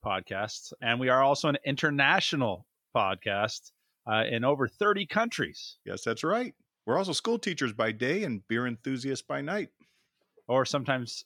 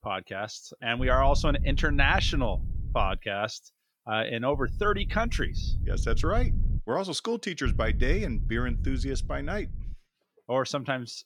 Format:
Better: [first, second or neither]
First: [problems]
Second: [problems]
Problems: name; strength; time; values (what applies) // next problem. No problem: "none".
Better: first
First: none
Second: low rumble; faint; from 1 to 3 s, from 4.5 to 7 s and from 7.5 to 10 s; 20 dB below the speech